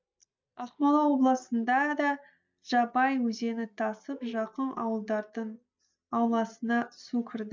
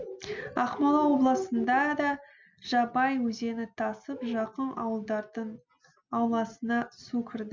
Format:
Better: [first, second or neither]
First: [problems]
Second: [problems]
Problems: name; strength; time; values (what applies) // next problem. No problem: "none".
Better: second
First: noise reduction (neural mask model DeepFilterNet 3)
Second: none